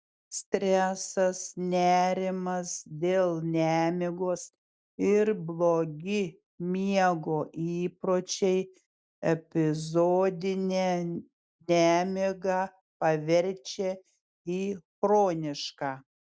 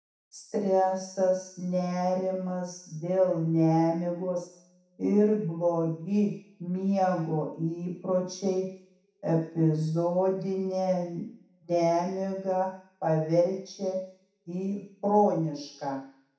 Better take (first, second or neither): first